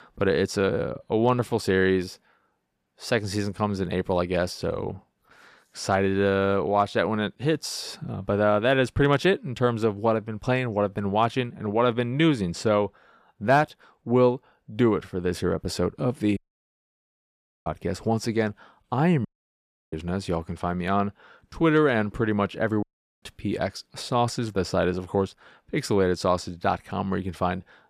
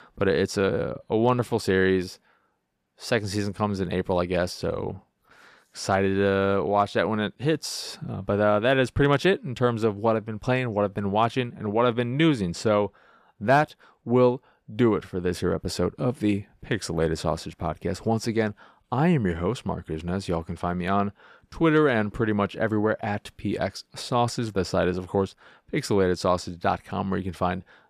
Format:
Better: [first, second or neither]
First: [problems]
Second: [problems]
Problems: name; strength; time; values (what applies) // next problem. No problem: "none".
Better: second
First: audio cutting out; at 16 s for 1.5 s, at 19 s for 0.5 s and at 23 s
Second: none